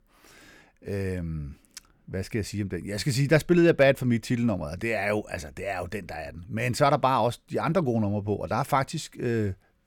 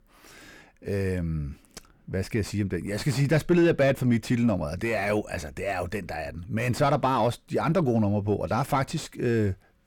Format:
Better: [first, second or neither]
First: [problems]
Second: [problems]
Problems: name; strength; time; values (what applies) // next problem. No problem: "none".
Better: first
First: none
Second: distortion; slight; 10 dB below the speech